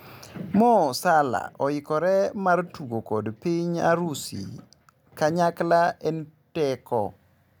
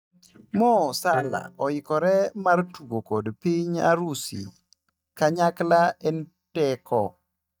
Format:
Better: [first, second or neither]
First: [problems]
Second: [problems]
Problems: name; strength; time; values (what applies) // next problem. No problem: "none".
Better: first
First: none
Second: noise reduction (neural mask model DeepFilterNet 3)